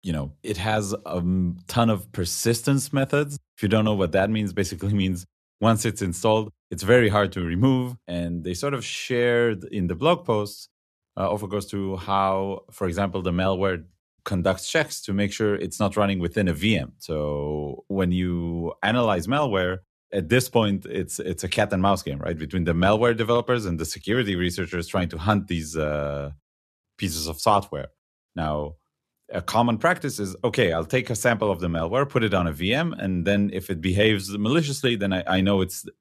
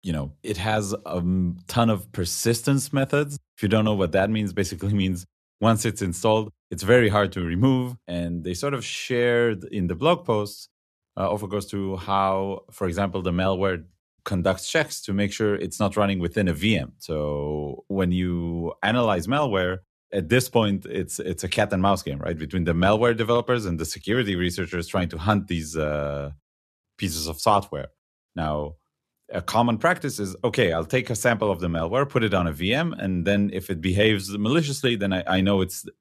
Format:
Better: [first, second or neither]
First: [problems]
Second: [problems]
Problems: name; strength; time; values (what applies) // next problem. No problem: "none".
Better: neither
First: none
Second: none